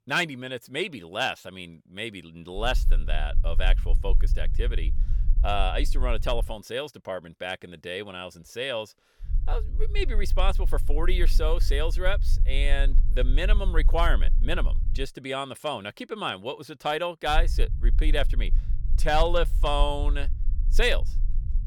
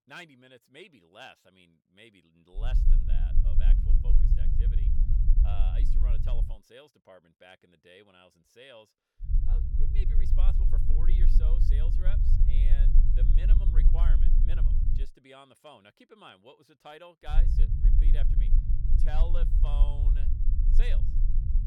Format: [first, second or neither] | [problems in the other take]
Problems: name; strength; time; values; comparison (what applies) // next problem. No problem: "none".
first | low rumble; loud; from 2.5 to 6.5 s, from 9.5 to 15 s and from 17 s on; 1 dB below the speech; faint in the first